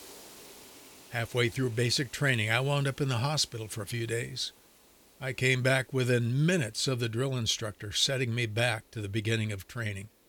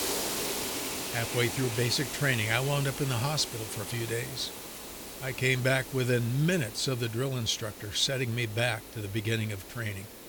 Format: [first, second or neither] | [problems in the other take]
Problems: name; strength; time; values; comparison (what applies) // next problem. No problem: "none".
first | hiss; loud; throughout; 7 dB below the speech; faint in the first